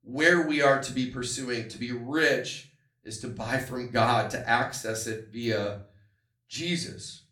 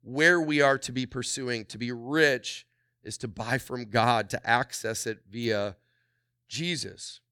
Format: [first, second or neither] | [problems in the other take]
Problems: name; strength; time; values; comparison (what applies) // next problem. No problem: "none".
second | room echo; slight; dies away in 0.4 s // off-mic speech; far